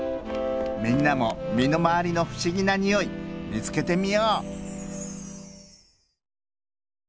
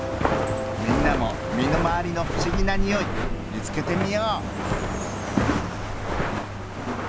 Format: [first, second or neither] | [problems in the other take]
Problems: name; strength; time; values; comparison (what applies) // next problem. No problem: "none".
first | background sound (Walk, footsteps); 2 dB above the speech